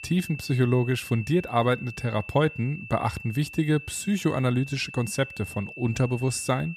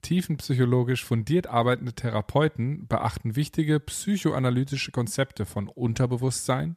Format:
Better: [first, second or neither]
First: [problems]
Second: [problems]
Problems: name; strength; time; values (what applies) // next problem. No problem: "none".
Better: second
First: high-pitched whine; noticeable; throughout; 2.5 kHz, 15 dB below the speech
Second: none